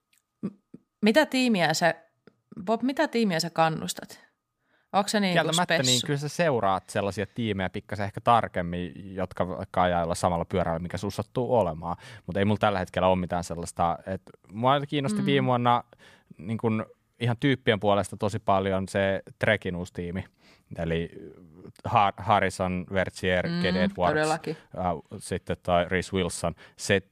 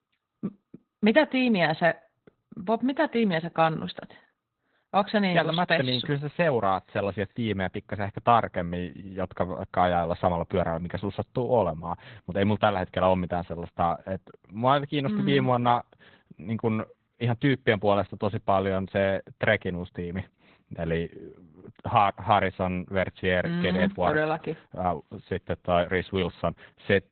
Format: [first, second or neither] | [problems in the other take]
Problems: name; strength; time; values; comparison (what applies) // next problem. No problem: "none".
first | garbled, watery; badly; nothing above 4 kHz